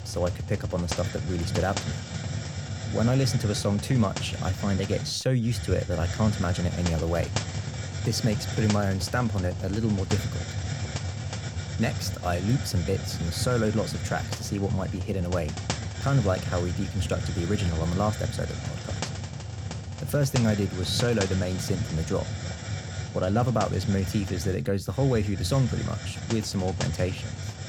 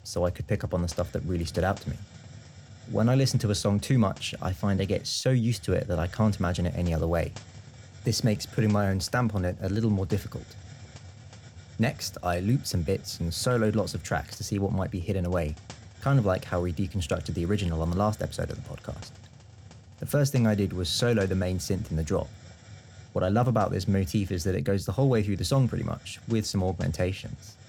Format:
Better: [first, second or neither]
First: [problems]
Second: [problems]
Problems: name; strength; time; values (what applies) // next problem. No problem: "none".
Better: second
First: hiss; loud; throughout; 5 dB below the speech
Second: hiss; faint; throughout; 20 dB below the speech